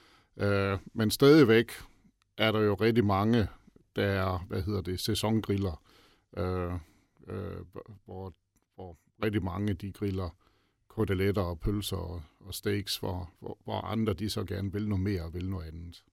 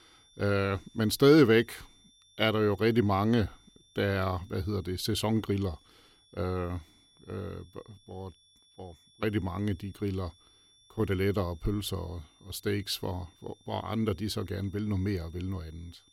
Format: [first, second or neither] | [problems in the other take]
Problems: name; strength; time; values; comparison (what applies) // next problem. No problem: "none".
first | high-pitched whine; faint; throughout; 3.5 kHz, 30 dB below the speech